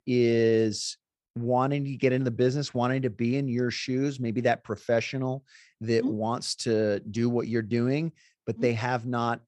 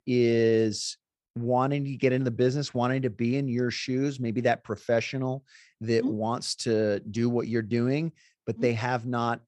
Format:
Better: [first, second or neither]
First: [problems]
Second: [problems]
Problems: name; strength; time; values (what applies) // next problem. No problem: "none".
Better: neither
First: none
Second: none